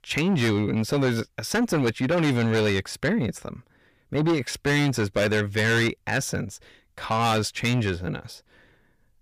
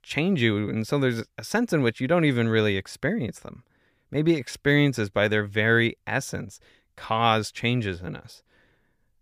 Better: second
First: distortion; heavy; 6 dB below the speech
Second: none

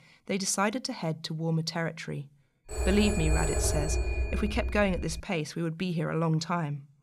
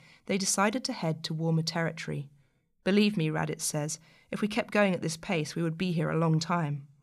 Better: second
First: phone ringing; loud; from 2.5 to 5 s; peak 2 dB above the speech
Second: none

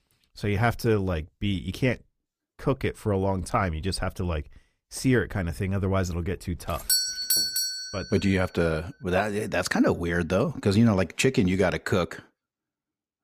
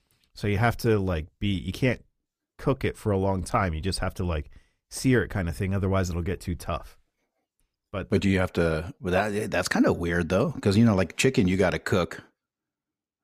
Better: second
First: doorbell; loud; from 7 to 8 s; peak 4 dB above the speech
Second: none

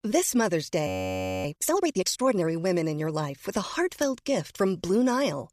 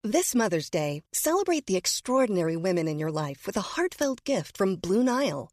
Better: second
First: audio freezing; at 1 s for 0.5 s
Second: none

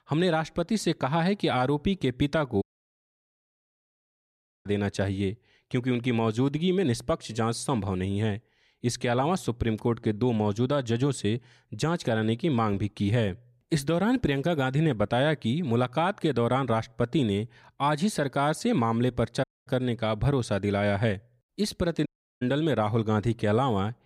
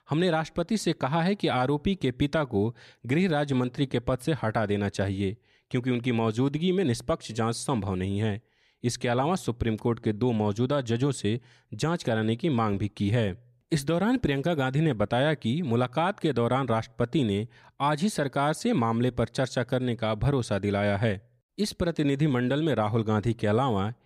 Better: second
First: audio cutting out; at 2.5 s for 2 s, at 19 s and at 22 s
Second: none

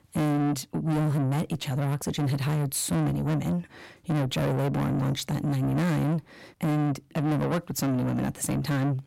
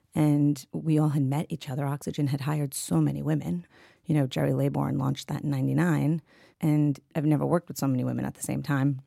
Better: second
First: distortion; heavy; 7 dB below the speech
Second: none

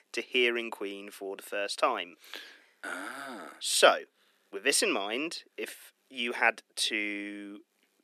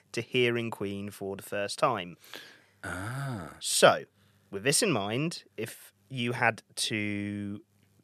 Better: second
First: thin; somewhat; fading below 250 Hz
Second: none

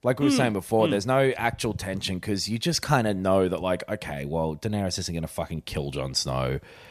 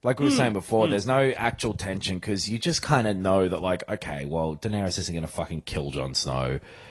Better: first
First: none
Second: garbled, watery; slightly; nothing above 11.5 kHz

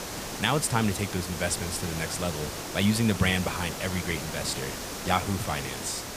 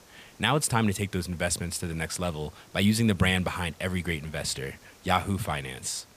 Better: second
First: hiss; loud; throughout; 6 dB below the speech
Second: hiss; faint; throughout; 25 dB below the speech

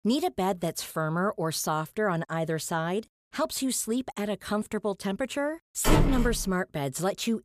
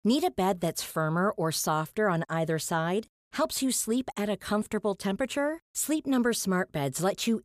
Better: second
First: door banging; loud; at 6 s; peak 5 dB above the speech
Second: none

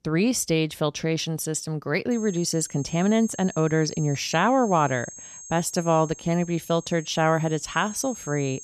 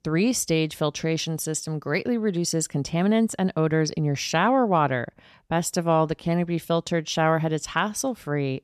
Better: second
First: high-pitched whine; noticeable; from 2 s on; 6.5 kHz, 15 dB below the speech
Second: none

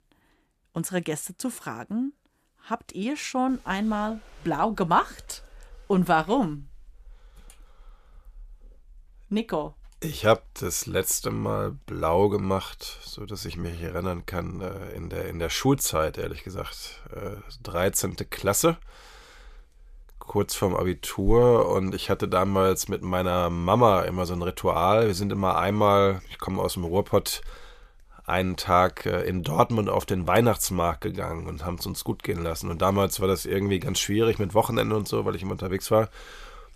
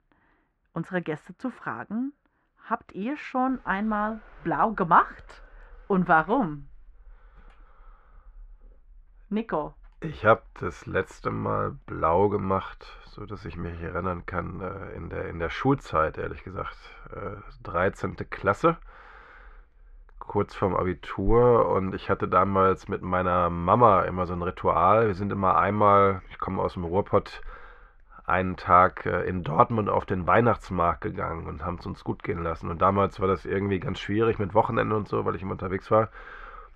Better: first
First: none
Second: muffled; very; fading above 1.5 kHz

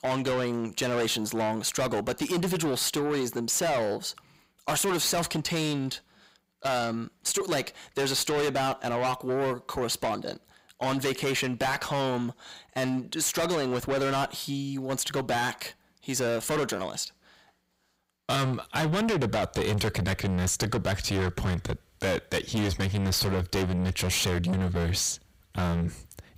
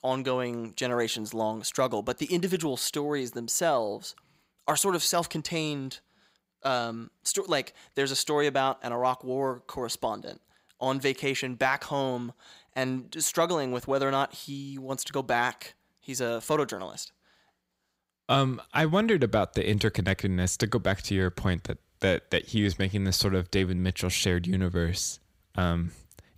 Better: second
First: distortion; heavy; 5 dB below the speech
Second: none

